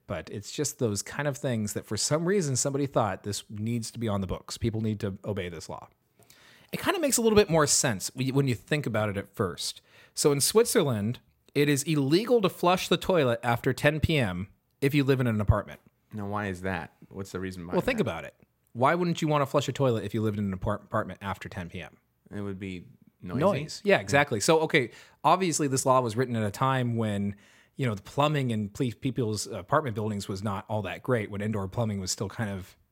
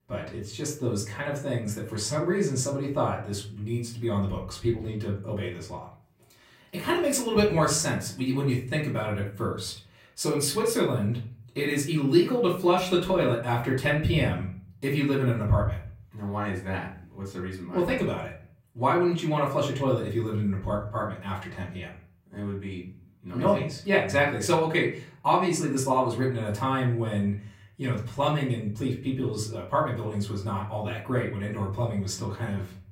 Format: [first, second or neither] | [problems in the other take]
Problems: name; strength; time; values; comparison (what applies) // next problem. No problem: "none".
first | room echo; slight; dies away in 0.5 s // off-mic speech; far